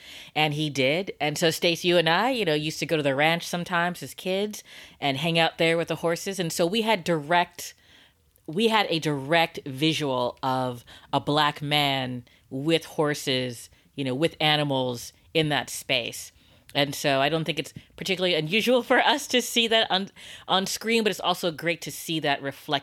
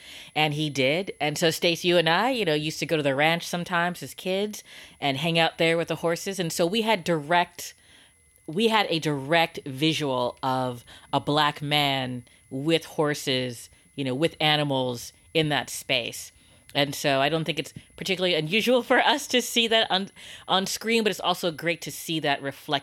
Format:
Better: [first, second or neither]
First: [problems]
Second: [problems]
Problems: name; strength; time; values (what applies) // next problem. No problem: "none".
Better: first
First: none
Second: high-pitched whine; faint; throughout; 10.5 kHz, 35 dB below the speech